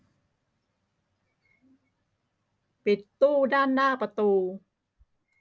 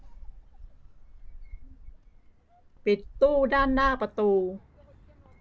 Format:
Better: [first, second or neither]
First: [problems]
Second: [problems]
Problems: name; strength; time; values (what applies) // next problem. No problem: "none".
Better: first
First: none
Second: background sound (Gull, seagull); 13 dB below the speech